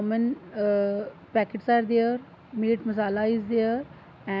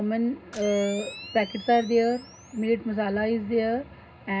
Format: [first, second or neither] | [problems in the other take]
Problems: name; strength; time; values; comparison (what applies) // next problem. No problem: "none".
first | background sound (Camera); 19 dB below the speech // room echo; dies away in 0.2 s